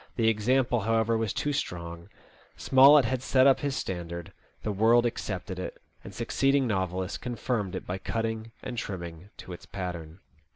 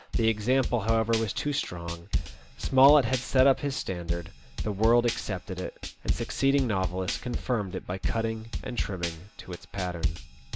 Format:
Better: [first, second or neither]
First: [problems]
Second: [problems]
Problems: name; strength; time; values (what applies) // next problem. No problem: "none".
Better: first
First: none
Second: background sound (Drum / Drum kit); 5 dB below the speech